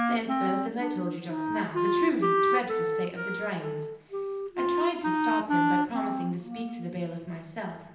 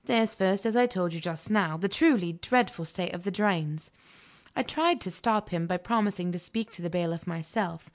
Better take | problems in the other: second | background sound (Wind instrument, woodwind instrument); 5 dB above the speech // room echo; dies away in 0.9 s

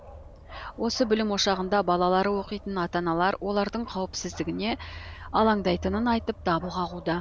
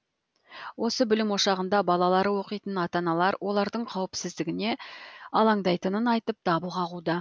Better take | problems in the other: second | background sound (Bark); 16 dB below the speech

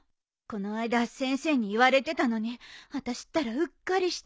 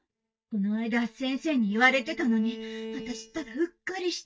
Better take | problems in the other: first | noise reduction (neural mask model DeepFilterNet 3)

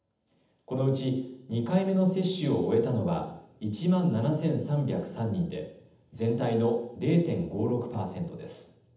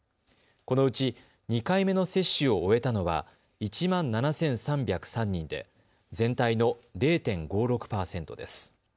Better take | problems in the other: second | room echo; dies away in 0.8 s

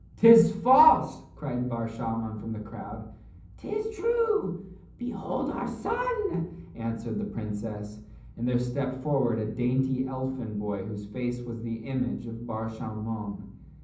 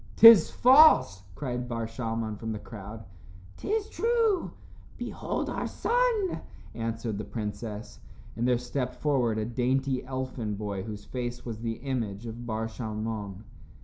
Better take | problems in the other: second | room echo; dies away in 0.6 s

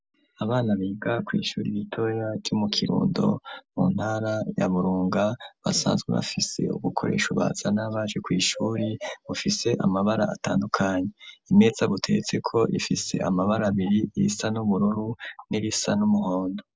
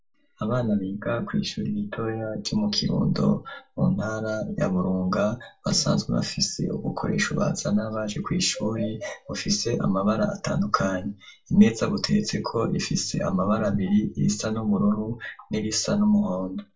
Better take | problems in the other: first | room echo; dies away in 0.2 s

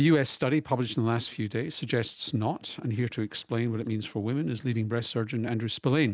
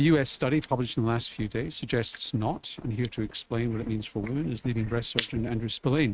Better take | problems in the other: first | noise reduction (neural mask model RNNoise)

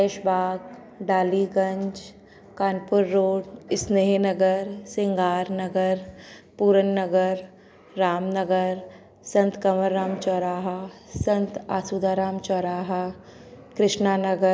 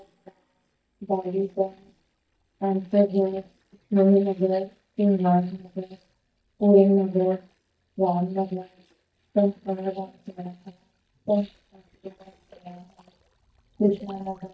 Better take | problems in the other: first | noise reduction (neural mask model DeepFilterNet 3)

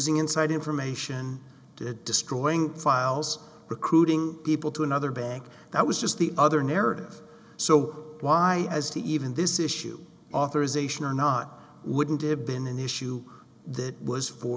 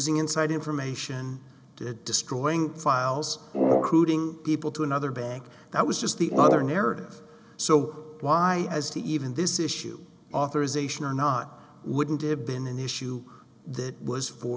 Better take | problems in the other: first | background sound (Brass instrument); as loud as the speech

